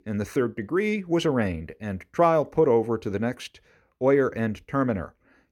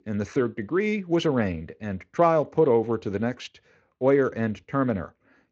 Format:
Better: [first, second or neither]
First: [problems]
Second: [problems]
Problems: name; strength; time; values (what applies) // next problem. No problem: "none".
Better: first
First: none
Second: garbled, watery; slightly